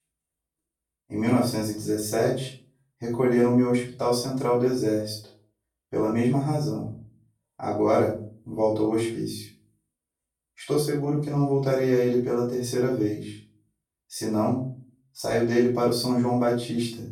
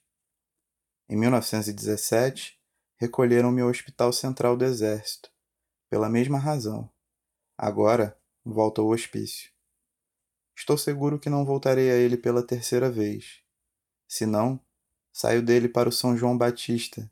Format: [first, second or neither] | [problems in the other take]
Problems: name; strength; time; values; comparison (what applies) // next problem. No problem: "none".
second | off-mic speech; far // room echo; slight; dies away in 0.5 s